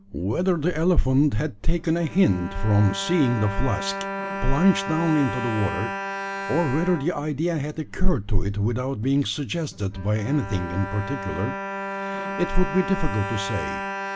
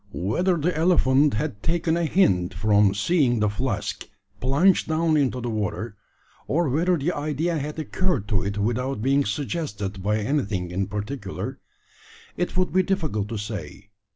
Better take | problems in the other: second | background sound (Bowed string instrument); 10 dB below the speech

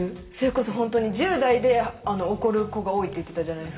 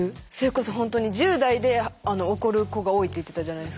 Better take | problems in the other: second | room echo; dies away in 1 s

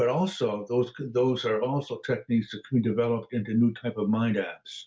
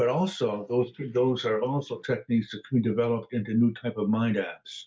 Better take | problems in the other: first | noise reduction (neural mask model Resemble Enhance denoiser)

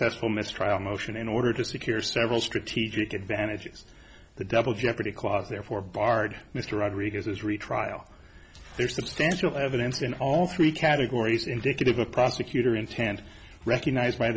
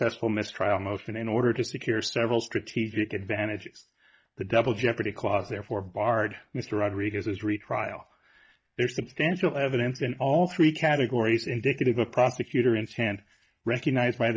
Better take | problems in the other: first | noise reduction (neural mask model DeepFilterNet 3)

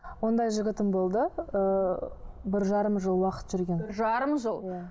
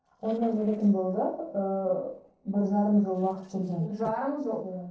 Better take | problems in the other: first | noise reduction (neural separator model SepFormer DNS4)

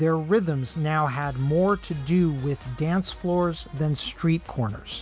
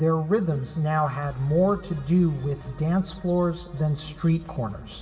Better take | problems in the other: first | room echo; dies away in 2.4 s

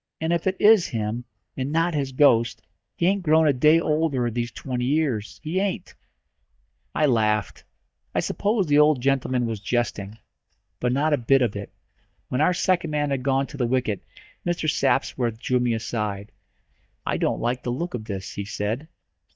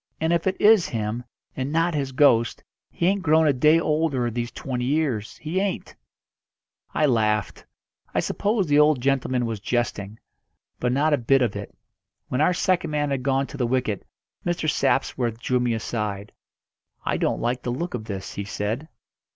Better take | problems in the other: second | noise reduction (neural mask model DeepFilterNet 3)

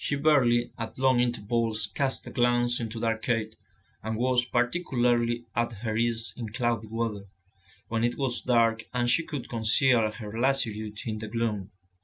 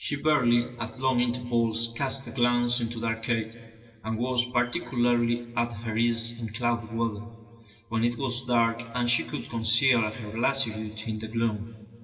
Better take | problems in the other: first | room echo; dies away in 1.8 s

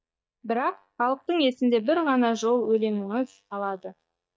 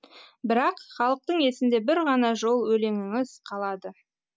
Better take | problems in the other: second | noise reduction (neural mask model DeepFilterNet 3)

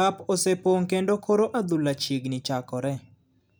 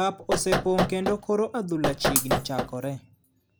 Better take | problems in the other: first | background sound (Knock + Shatter); as loud as the speech

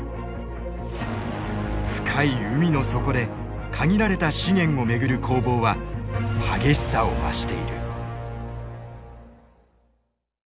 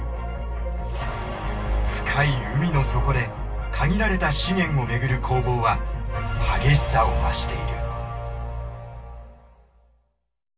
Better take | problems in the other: first | room echo; dies away in 0.1 s

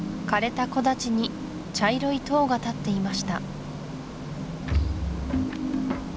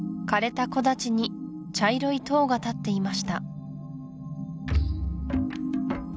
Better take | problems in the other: second | background sound (Ocean); 12 dB below the speech

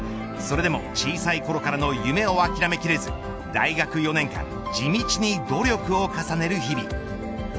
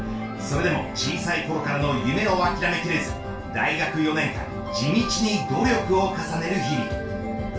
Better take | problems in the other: first | room echo; dies away in 0.2 s

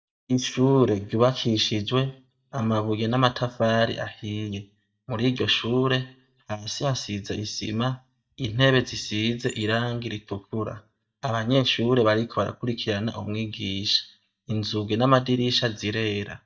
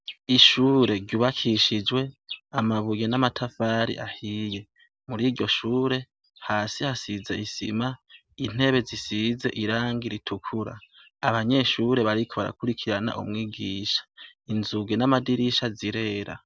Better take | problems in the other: second | noise reduction (neural mask model DeepFilterNet 3)

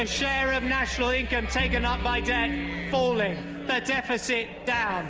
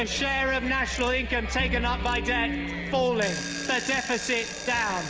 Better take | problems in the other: first | background sound (Alarm / Clock); 13 dB below the speech

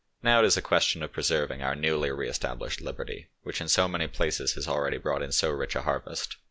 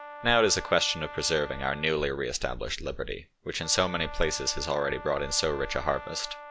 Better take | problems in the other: first | background sound (Brass instrument); 14 dB below the speech

